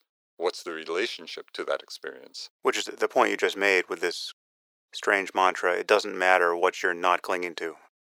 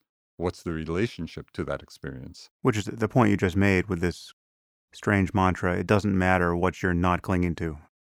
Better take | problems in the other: second | thin; very; fading below 450 Hz

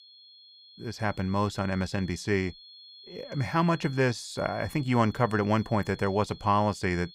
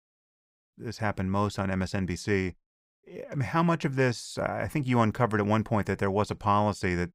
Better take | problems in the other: second | high-pitched whine; faint; throughout; 4.5 kHz, 20 dB below the speech

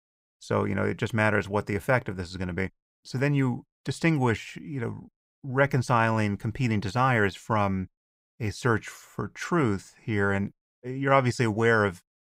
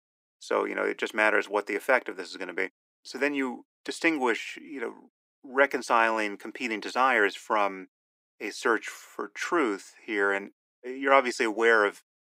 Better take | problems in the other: first | thin; somewhat; fading below 300 Hz

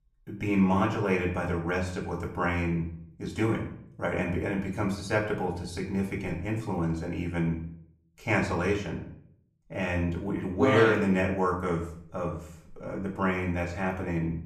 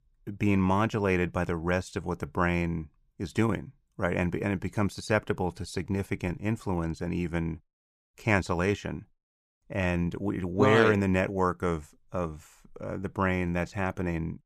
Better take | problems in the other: second | room echo; slight; dies away in 0.5 s // off-mic speech; far

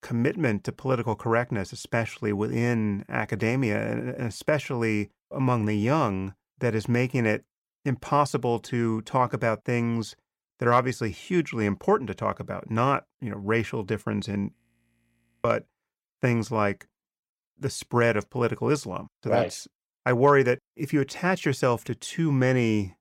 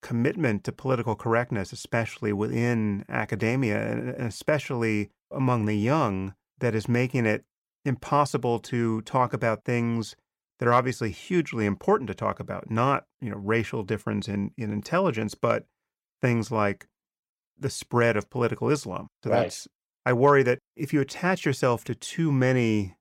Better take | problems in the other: second | audio freezing; at 15 s for 1 s

